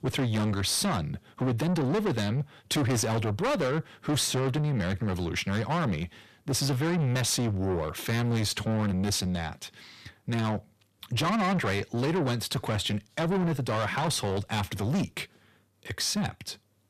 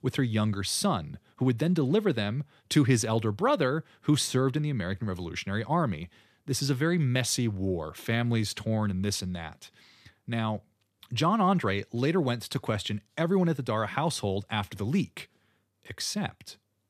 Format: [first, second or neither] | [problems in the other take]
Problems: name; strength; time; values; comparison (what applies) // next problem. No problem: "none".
second | distortion; heavy; 6 dB below the speech